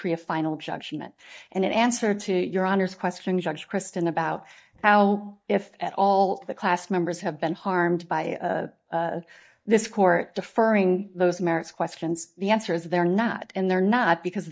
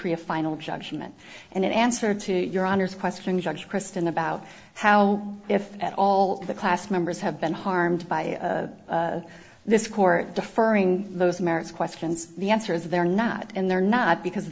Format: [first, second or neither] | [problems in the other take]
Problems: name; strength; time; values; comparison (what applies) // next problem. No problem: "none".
second | noise reduction (neural mask model DeepFilterNet 3)